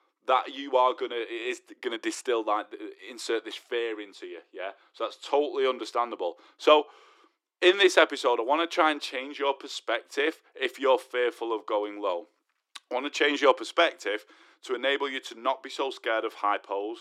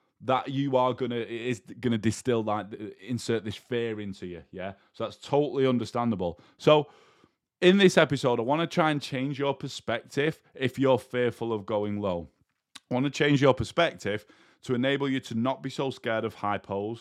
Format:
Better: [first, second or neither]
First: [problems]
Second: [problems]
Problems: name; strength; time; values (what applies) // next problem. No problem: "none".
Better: second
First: thin; very; fading below 300 Hz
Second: none